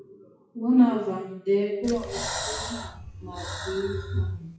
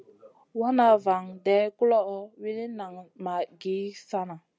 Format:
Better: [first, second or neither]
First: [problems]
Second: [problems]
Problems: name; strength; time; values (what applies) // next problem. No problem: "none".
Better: second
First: noise reduction (classical method WPE with log-MMSE)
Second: none